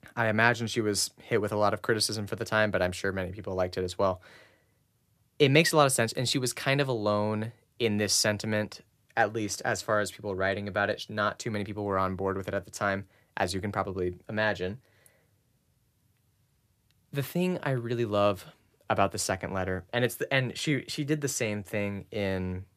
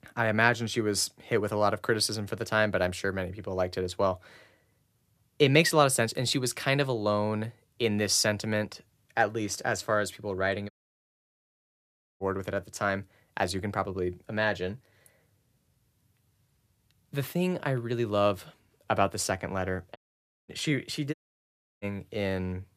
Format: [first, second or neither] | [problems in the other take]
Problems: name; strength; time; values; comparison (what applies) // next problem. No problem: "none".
first | audio cutting out; at 11 s for 1.5 s, at 20 s for 0.5 s and at 21 s for 0.5 s